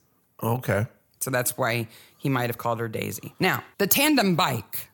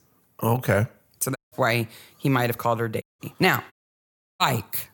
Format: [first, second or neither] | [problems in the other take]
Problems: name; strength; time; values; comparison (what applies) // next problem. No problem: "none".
first | audio cutting out; at 1.5 s, at 3 s and at 3.5 s for 0.5 s